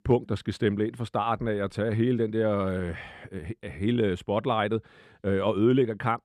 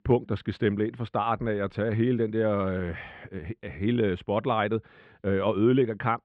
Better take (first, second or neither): first